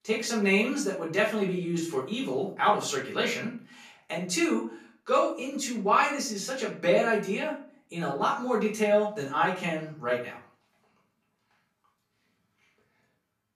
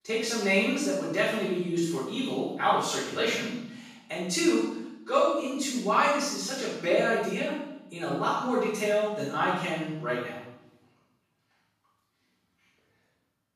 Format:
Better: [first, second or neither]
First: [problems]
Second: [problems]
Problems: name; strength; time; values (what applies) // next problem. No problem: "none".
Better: first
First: room echo; slight; dies away in 0.4 s // off-mic speech; far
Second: room echo; strong; dies away in 0.9 s // off-mic speech; far